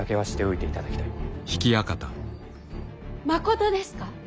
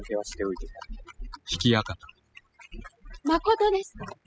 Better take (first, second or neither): first